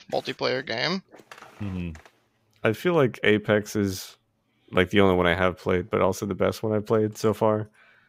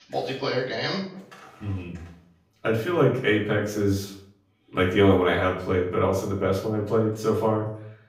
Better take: first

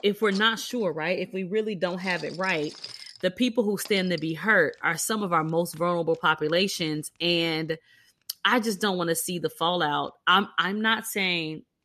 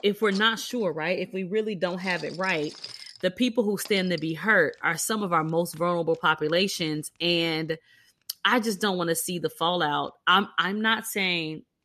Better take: neither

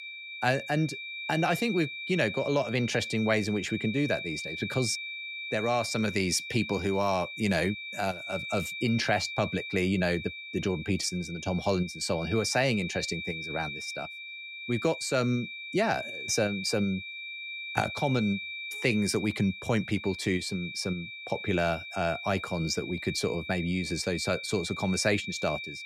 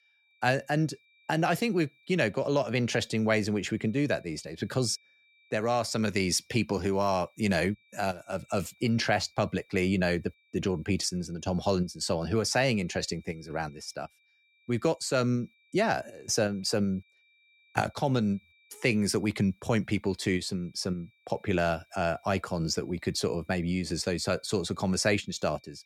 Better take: second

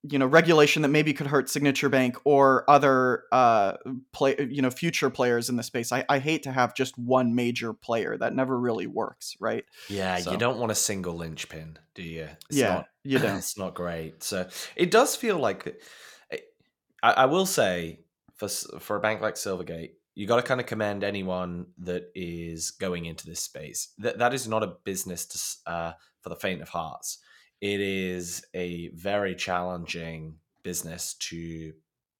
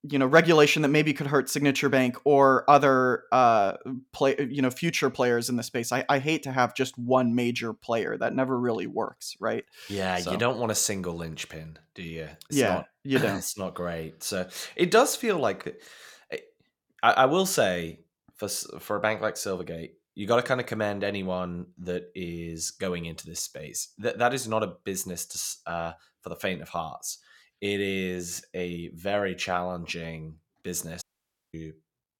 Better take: first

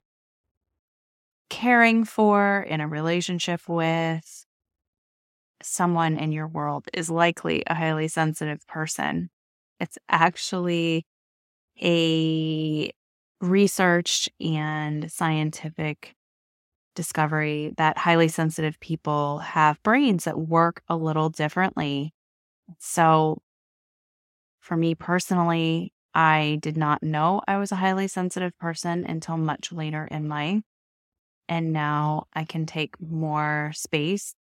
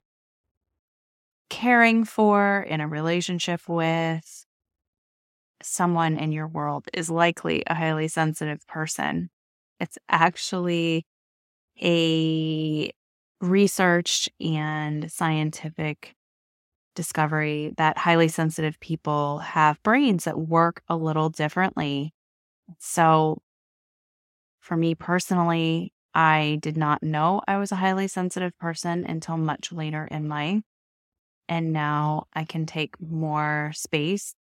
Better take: neither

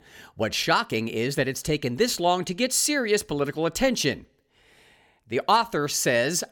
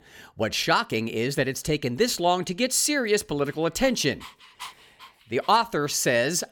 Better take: first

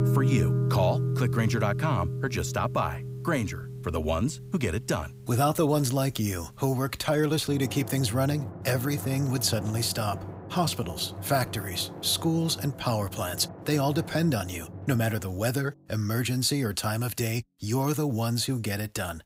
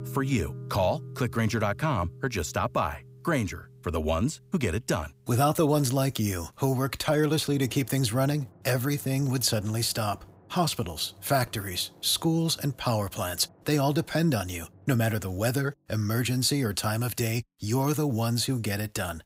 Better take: second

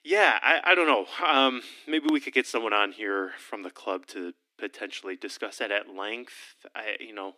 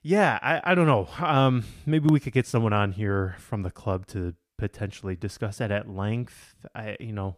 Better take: second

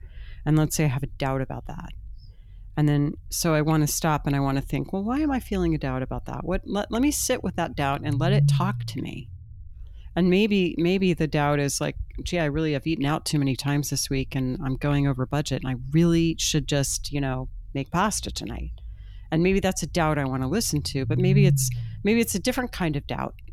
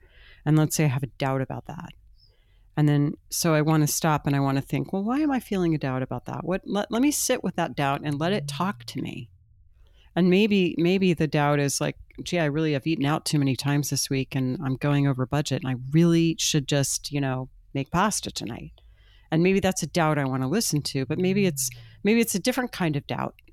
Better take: second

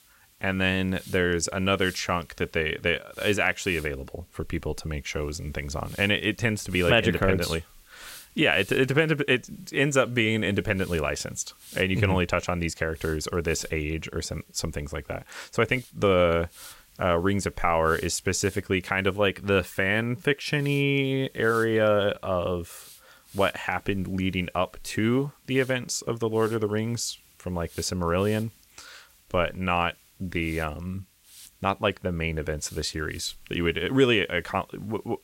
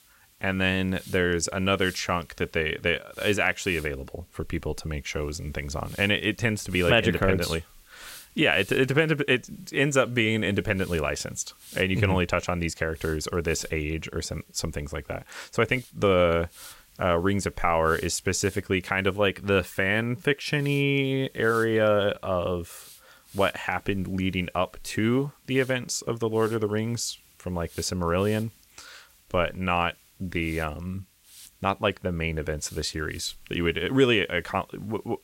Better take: neither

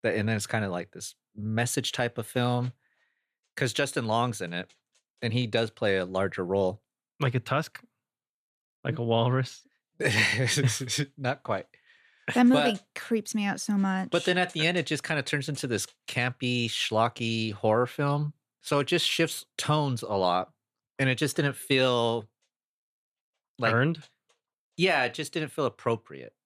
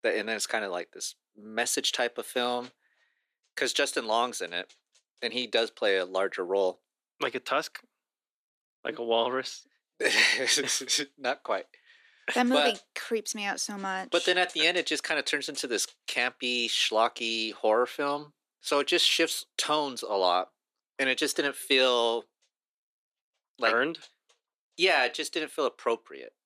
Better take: first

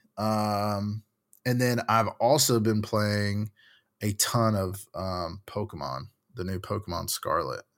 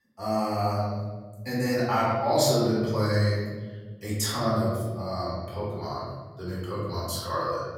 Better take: first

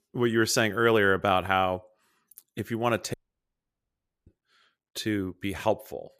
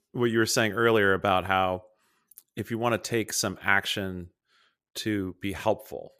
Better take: second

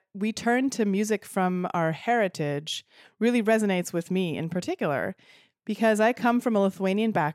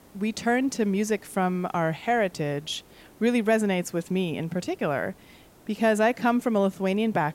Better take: first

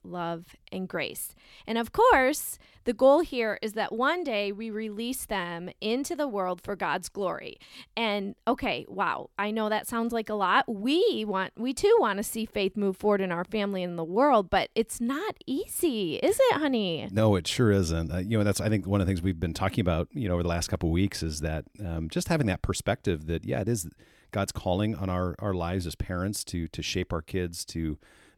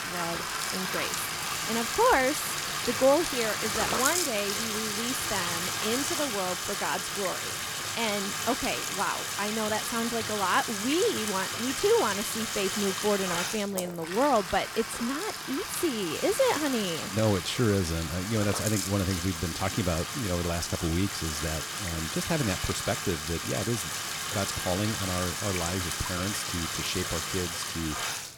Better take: first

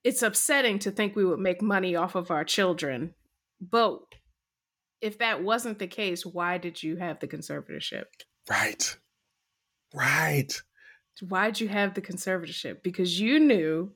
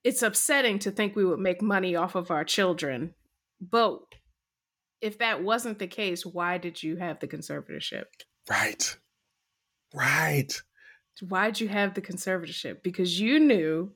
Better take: neither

